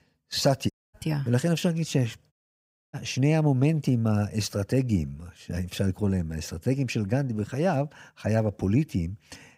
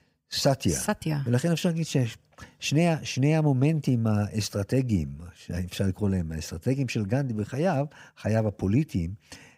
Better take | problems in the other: second | audio cutting out; at 0.5 s and at 2.5 s for 0.5 s

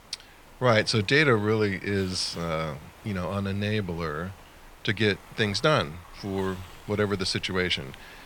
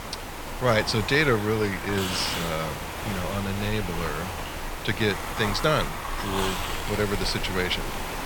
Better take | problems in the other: first | hiss; loud; throughout; 5 dB below the speech; faint in the first

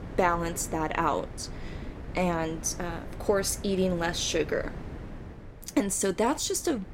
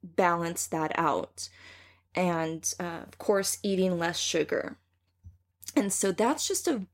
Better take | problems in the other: second | wind noise on the microphone; occasional gusts; 20 dB below the speech

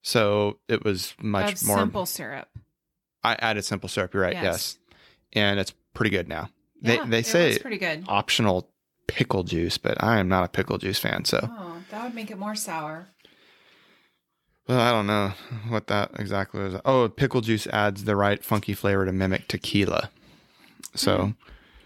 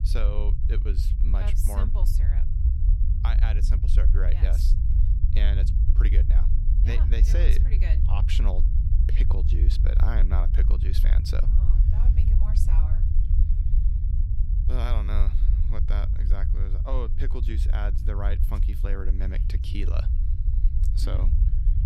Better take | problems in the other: first | low rumble; loud; throughout; 4 dB below the speech

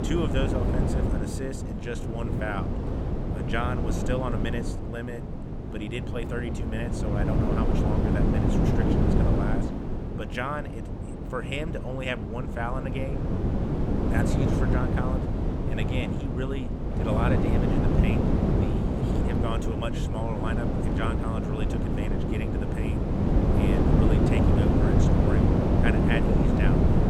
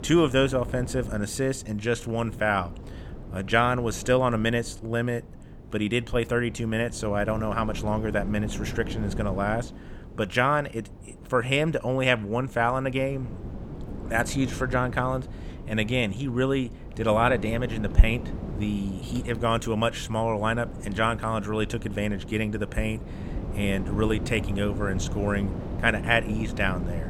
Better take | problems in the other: second | wind noise on the microphone; heavy; 2 dB above the speech; occasional gusts in the second

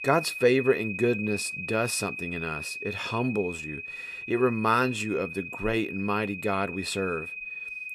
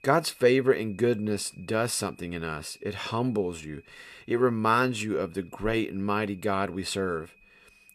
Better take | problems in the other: second | high-pitched whine; loud; throughout; 2.5 kHz, 7 dB below the speech; faint in the second

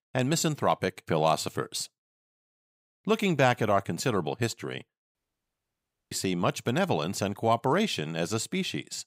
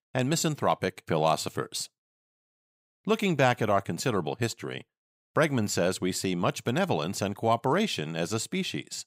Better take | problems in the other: second | audio cutting out; at 5 s for 1 s

